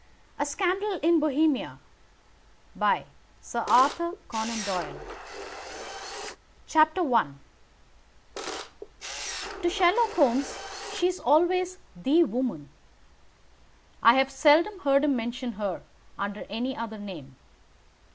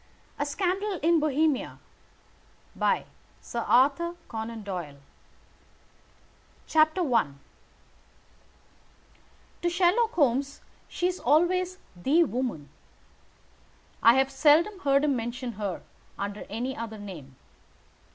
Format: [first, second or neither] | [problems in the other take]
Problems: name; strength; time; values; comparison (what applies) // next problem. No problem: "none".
second | background sound (Camera); 10 dB below the speech